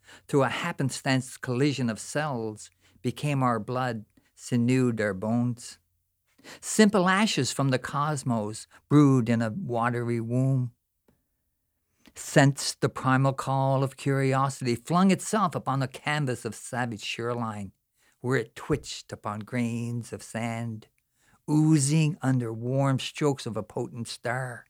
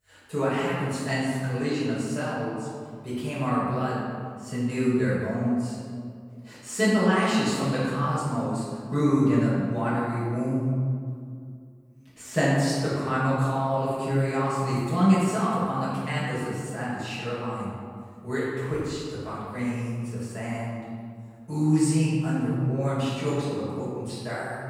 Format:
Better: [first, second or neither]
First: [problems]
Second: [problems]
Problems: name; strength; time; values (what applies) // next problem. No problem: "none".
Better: first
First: none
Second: off-mic speech; far // room echo; strong; dies away in 1.8 s